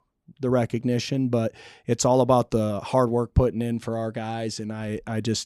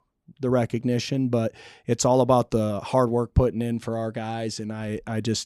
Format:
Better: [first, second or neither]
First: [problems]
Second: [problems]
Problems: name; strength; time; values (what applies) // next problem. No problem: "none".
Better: neither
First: none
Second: none